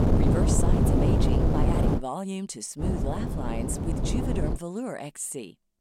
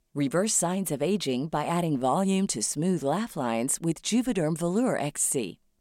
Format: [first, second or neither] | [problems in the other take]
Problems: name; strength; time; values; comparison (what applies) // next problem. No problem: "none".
second | wind noise on the microphone; heavy; until 2 s and from 3 to 4.5 s; 3 dB above the speech